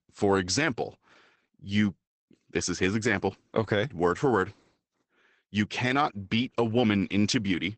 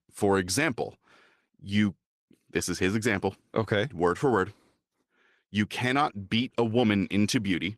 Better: second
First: garbled, watery; badly; nothing above 8 kHz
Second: garbled, watery; slightly; nothing above 14.5 kHz

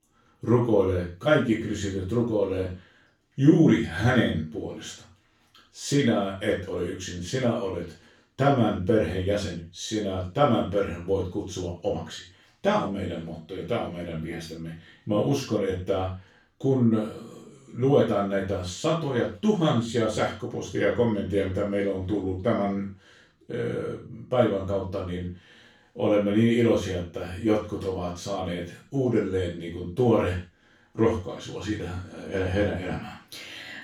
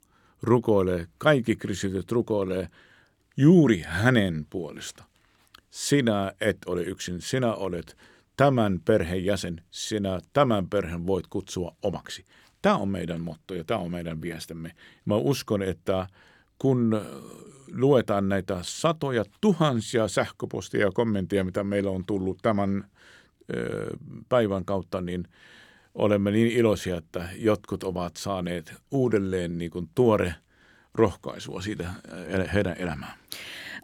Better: second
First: room echo; noticeable; dies away in 0.3 s // off-mic speech; far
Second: none

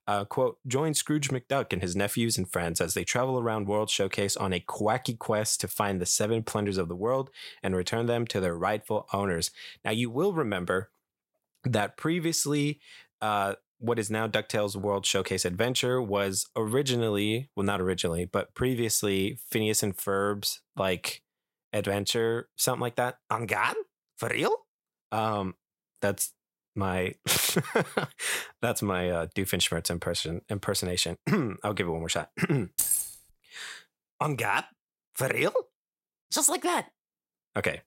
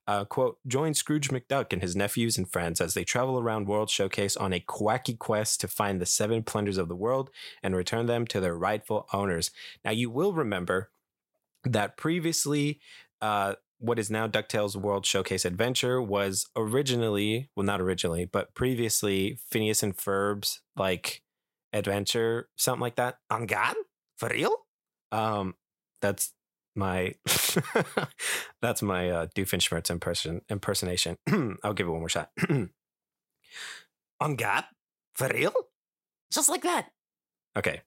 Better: second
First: jangling keys; loud; at 33 s; peak 4 dB above the speech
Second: none

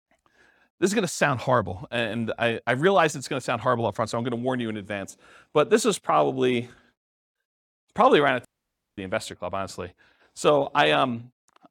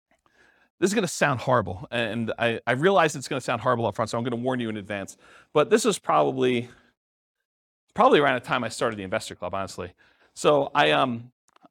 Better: second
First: audio cutting out; at 8.5 s for 0.5 s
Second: none

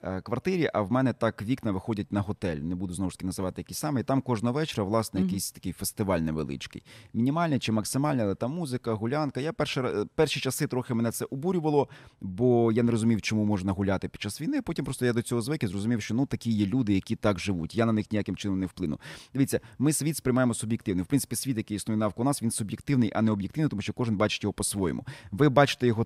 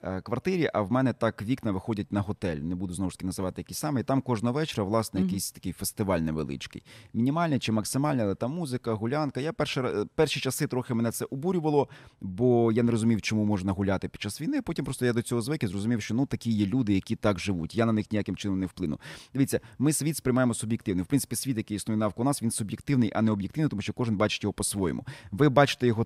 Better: neither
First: none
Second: none

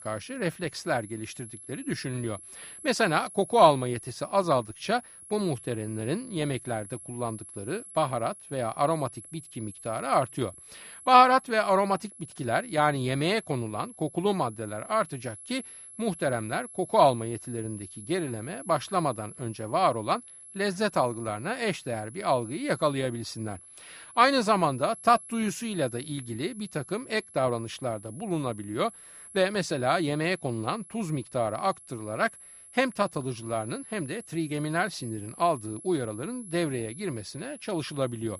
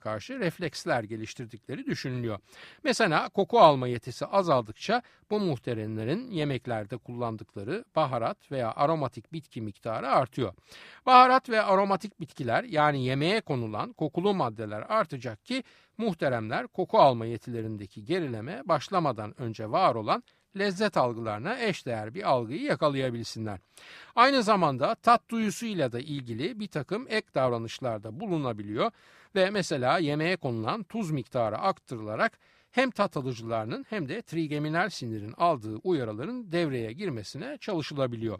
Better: second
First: high-pitched whine; noticeable; throughout; 11 kHz, 15 dB below the speech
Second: none

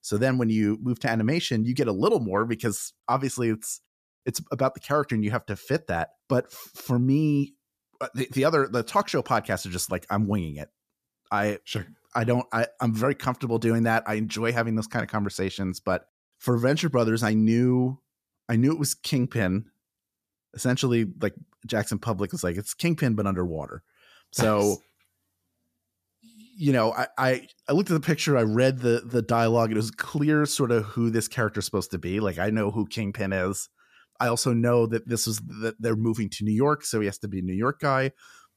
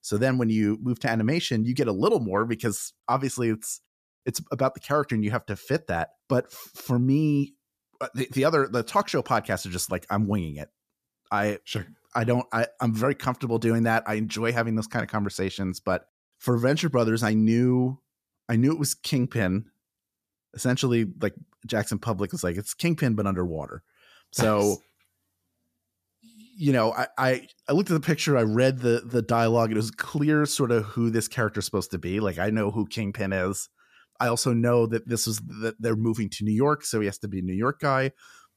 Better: neither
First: none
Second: none

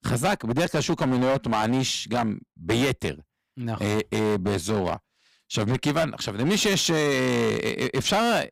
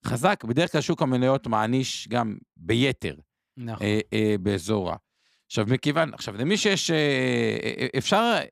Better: second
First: distortion; heavy; 15% of the sound clipped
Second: none

